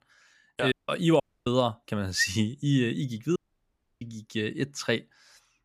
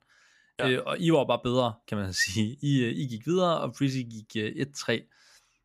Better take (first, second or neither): second